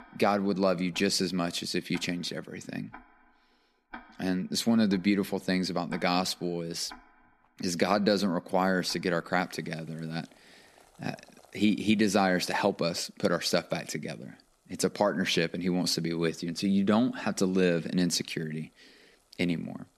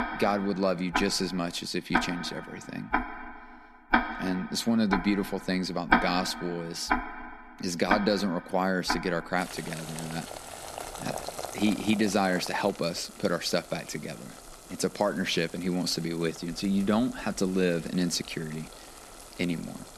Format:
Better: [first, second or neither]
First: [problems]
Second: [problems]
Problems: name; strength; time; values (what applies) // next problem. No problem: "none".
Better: first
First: household noises; faint; throughout; 25 dB below the speech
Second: household noises; loud; throughout; 4 dB below the speech